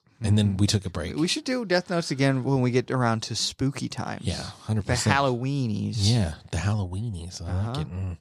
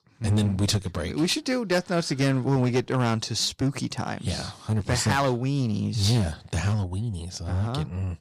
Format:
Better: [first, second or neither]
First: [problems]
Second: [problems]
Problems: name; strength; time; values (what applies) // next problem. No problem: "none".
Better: first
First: none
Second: distortion; slight; 7% of the sound clipped